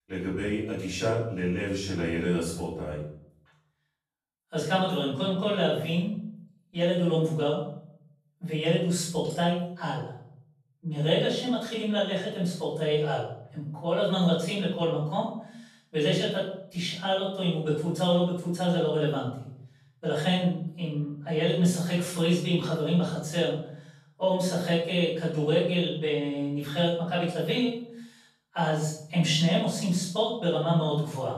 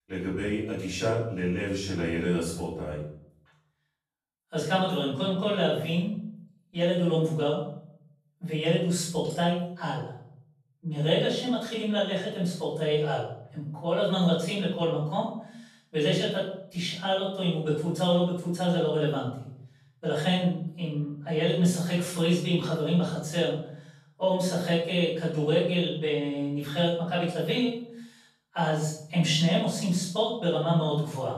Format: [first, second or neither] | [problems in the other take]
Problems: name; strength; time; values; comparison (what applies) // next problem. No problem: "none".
neither | off-mic speech; far; the same in both // room echo; noticeable; dies away in 0.6 s; the same in both